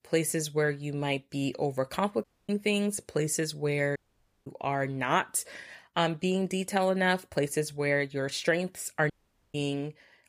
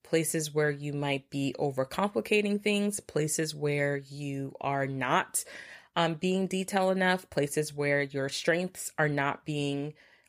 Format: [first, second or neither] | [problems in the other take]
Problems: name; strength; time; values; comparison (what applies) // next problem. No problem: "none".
second | audio cutting out; at 2 s, at 4 s for 0.5 s and at 9 s